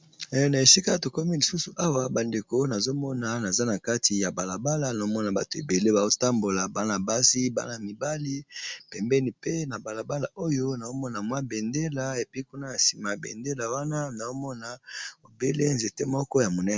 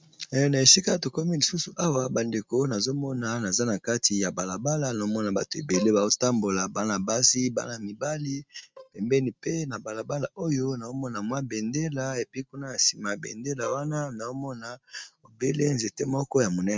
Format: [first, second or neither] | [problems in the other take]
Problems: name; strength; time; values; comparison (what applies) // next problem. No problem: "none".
first | noise reduction (neural mask model RNNoise)